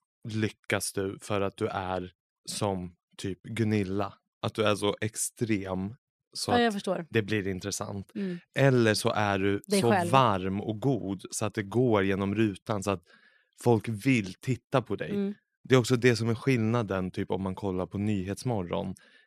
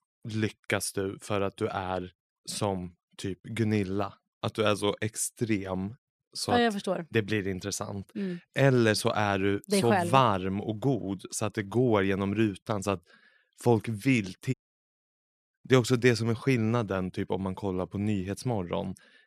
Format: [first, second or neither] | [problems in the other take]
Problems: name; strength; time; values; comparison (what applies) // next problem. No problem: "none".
first | audio cutting out; at 15 s for 1 s